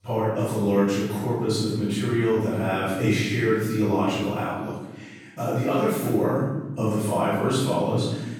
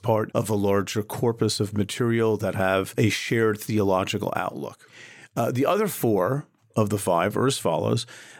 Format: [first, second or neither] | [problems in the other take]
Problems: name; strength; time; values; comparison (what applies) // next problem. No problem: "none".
second | off-mic speech; far // room echo; strong; dies away in 1.2 s